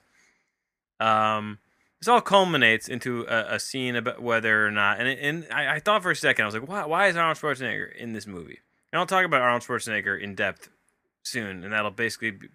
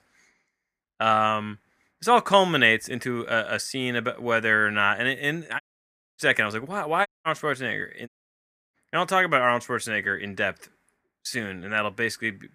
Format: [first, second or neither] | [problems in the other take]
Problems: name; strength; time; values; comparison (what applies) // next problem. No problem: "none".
first | audio cutting out; at 5.5 s for 0.5 s, at 7 s and at 8 s for 0.5 s